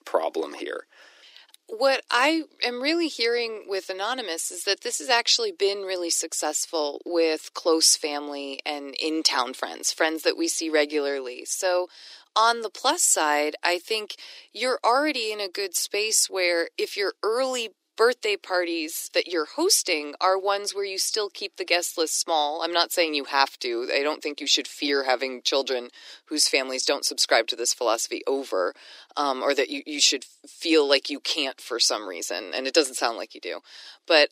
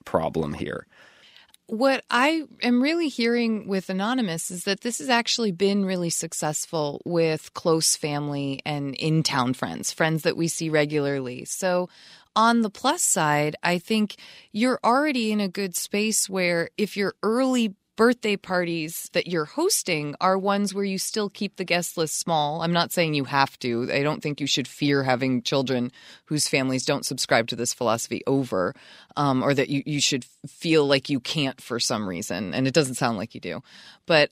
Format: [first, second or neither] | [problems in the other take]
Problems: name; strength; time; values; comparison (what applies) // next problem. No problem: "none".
second | thin; somewhat; fading below 300 Hz